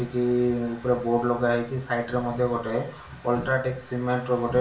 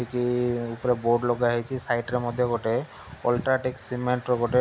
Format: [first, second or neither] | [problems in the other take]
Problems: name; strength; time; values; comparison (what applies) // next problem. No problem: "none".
second | room echo; dies away in 0.4 s